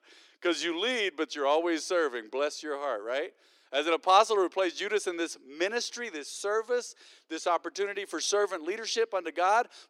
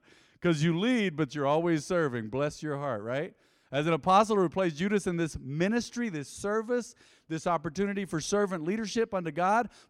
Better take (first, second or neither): second